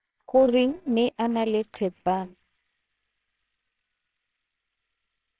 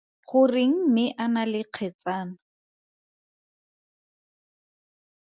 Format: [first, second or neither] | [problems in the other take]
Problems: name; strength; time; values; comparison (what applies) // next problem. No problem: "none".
second | noise reduction (neural separator model SepFormer WHAMR!)